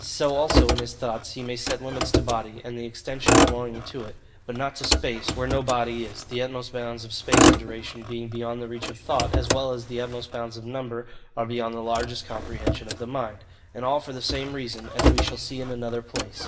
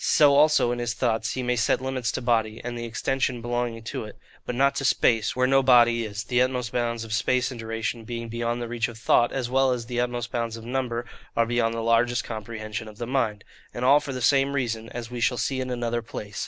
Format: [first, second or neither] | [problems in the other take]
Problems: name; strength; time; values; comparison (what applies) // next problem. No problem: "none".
second | background sound (Motor vehicle (road)); 3 dB above the speech // room echo; dies away in 0.7 s